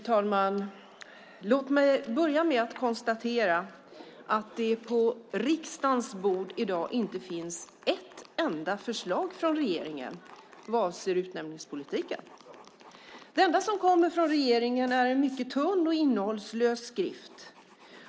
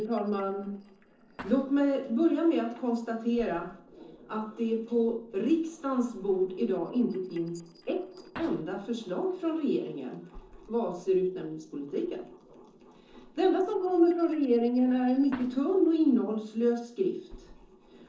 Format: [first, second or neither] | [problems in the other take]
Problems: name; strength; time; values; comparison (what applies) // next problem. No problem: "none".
first | noise reduction (neural separator model SepFormer DNS4)